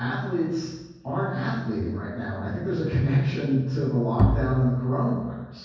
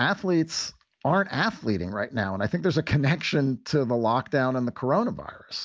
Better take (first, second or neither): second